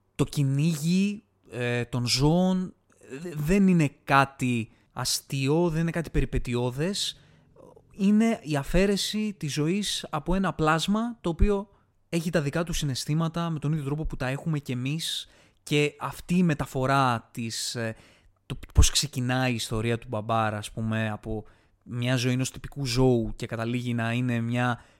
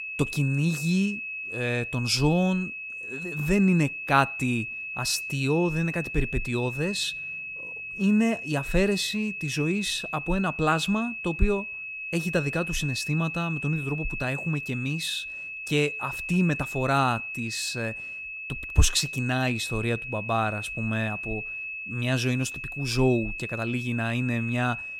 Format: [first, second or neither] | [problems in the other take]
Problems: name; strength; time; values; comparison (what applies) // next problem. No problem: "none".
first | high-pitched whine; loud; throughout; 2.5 kHz, 6 dB below the speech